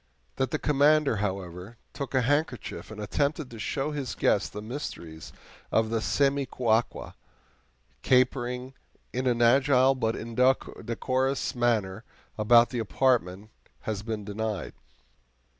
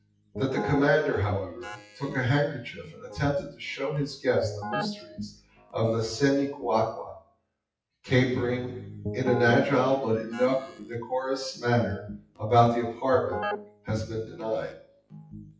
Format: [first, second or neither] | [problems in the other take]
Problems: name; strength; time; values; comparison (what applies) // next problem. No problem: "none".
first | noise reduction (classical method WPE with log-MMSE)